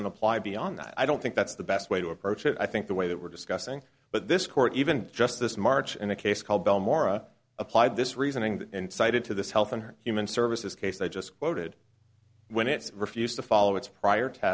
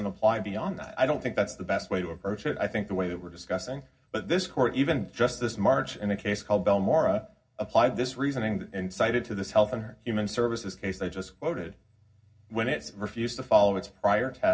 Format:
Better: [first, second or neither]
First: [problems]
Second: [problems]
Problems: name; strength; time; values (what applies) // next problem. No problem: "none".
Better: first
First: none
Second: room echo; dies away in 0.4 s